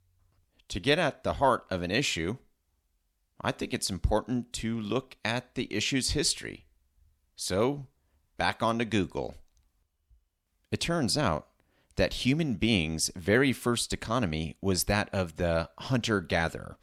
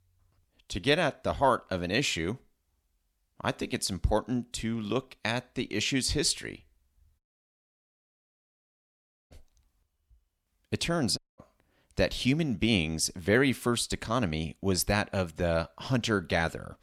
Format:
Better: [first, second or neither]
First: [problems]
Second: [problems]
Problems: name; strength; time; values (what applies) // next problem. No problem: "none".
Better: first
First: none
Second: audio cutting out; at 7 s for 2 s and at 11 s